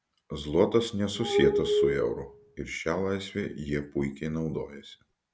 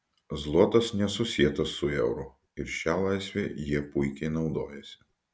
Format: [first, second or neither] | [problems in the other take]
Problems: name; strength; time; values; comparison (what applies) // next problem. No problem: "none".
second | background sound (Glass); 2 dB above the speech